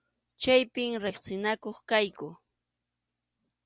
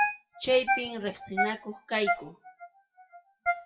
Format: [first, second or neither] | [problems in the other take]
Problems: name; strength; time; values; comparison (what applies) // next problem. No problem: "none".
first | noise reduction (classical method WPE with log-MMSE)